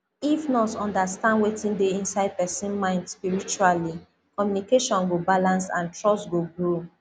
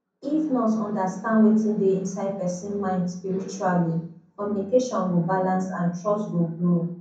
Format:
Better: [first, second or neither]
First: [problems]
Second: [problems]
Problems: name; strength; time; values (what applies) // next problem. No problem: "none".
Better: first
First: none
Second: room echo; dies away in 0.6 s